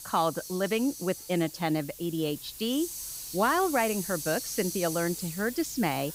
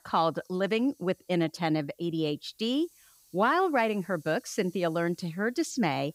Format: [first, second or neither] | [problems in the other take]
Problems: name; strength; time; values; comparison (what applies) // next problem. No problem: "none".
second | hiss; loud; throughout; 8 dB below the speech; faint in the second